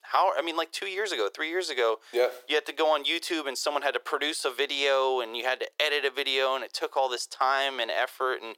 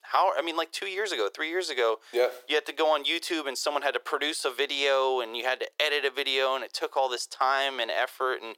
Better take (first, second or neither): neither